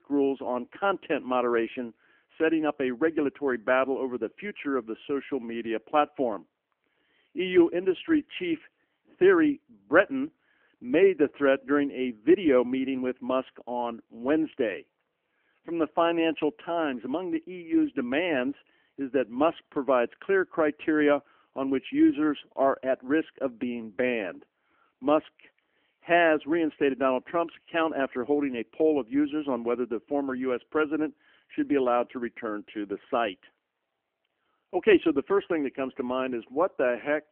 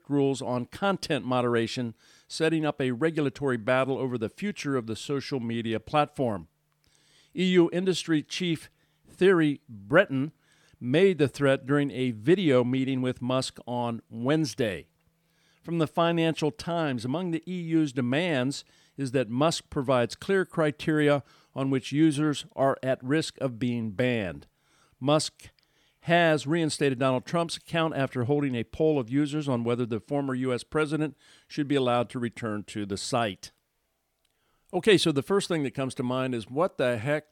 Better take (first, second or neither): second